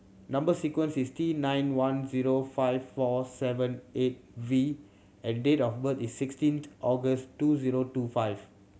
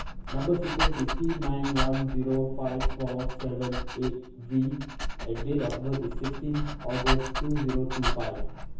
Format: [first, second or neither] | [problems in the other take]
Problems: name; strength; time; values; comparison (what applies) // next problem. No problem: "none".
first | background sound (Dog); as loud as the speech // room echo; dies away in 0.7 s